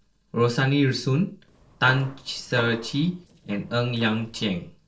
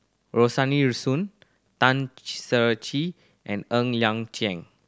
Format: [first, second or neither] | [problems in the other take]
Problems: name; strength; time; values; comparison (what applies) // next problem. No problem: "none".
second | noise reduction (neural separator model SepFormer DNS4)